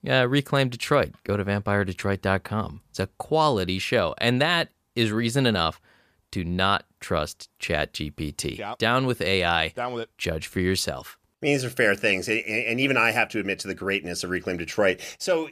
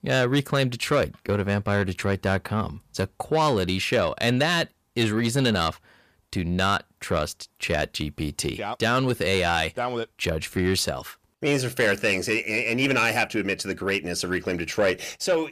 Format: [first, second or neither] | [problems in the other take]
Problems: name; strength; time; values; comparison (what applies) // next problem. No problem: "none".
first | distortion; slight; 10 dB below the speech